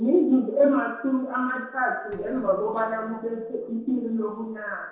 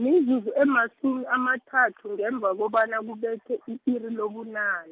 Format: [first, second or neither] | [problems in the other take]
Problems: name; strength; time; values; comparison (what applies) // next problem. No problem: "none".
second | noise reduction (neural separator model SepFormer DNS4)